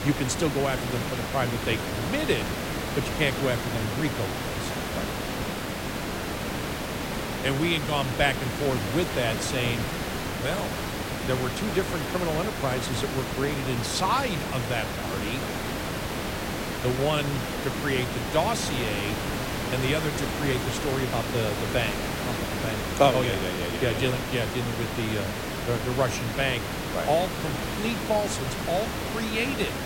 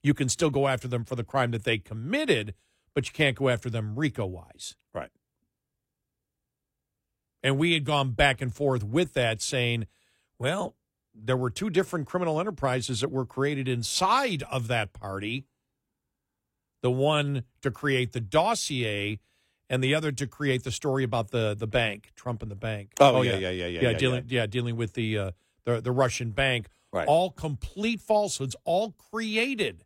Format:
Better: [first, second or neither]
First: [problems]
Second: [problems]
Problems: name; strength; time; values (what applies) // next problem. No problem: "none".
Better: second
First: hiss; loud; throughout; 2 dB below the speech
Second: none